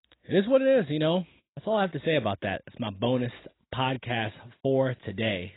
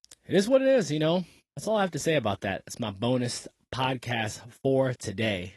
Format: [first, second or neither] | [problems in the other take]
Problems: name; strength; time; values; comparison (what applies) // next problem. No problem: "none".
second | garbled, watery; badly; nothing above 4 kHz; slightly in the second